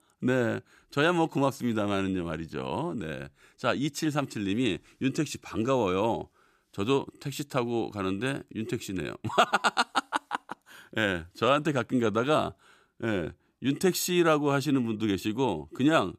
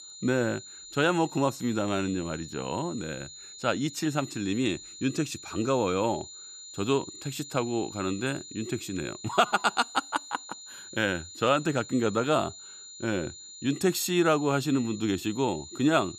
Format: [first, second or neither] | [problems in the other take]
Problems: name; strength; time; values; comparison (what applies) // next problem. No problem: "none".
first | high-pitched whine; noticeable; throughout; 7 kHz, 15 dB below the speech